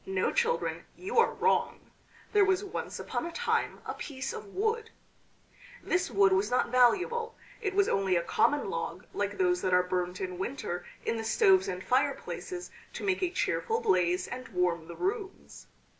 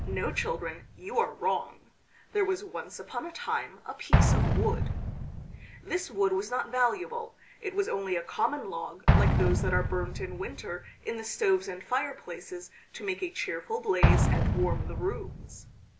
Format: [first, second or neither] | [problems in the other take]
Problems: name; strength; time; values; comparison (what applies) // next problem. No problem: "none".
first | background sound (Explosion); 1 dB above the speech